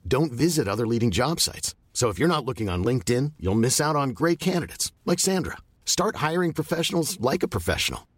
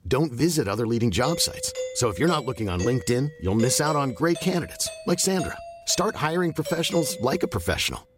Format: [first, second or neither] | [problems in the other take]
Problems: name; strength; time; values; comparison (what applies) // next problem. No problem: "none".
first | doorbell; noticeable; from 1 to 7.5 s; peak 7 dB below the speech